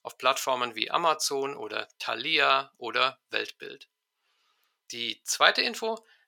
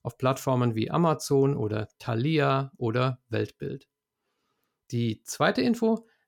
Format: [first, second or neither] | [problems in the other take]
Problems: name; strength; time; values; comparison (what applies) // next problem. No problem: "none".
second | thin; very; fading below 700 Hz